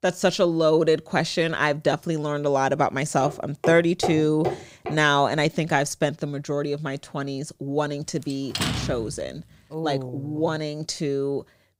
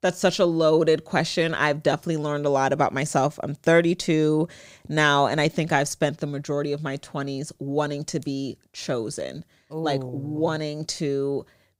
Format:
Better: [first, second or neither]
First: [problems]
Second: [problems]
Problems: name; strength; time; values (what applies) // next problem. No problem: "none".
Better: second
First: footsteps; noticeable; from 3 to 5 s; peak 5 dB below the speech // door banging; noticeable; at 8.5 s; peak 2 dB below the speech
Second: none